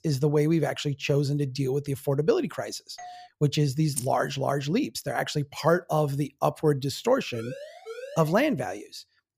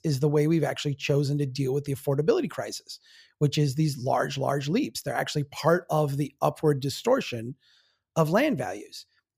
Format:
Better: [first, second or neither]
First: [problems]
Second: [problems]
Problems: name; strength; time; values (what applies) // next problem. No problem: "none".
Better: second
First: doorbell; faint; at 3 s; peak 15 dB below the speech // jangling keys; noticeable; at 4 s; peak 8 dB below the speech // siren; faint; from 7.5 to 8.5 s; peak 15 dB below the speech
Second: none